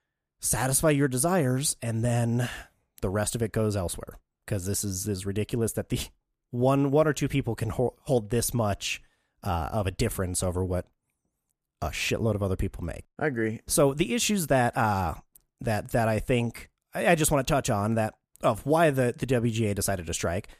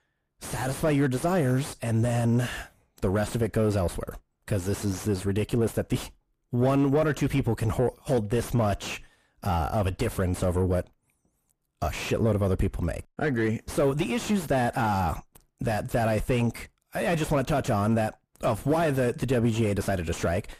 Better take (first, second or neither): first